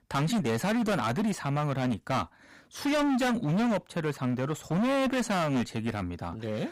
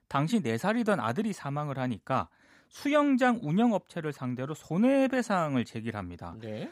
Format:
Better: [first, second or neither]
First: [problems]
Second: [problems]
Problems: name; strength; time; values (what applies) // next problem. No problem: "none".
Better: second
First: distortion; heavy; 24% of the sound clipped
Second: none